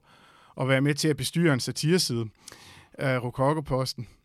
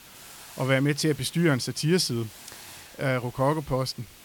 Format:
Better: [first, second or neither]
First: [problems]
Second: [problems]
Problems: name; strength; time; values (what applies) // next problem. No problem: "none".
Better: first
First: none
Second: hiss; noticeable; throughout; 20 dB below the speech